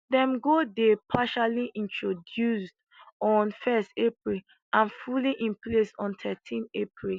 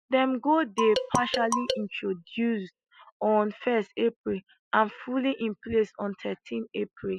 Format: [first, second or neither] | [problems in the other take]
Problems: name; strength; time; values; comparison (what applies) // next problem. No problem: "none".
first | noise reduction (classical method spectral subtraction)